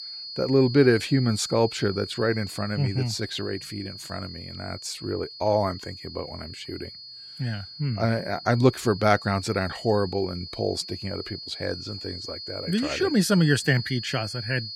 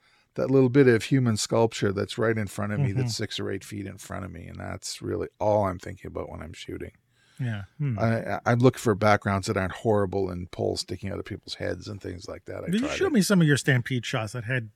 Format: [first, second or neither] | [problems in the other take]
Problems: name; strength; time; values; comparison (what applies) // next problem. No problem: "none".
second | high-pitched whine; noticeable; throughout; 4.5 kHz, 10 dB below the speech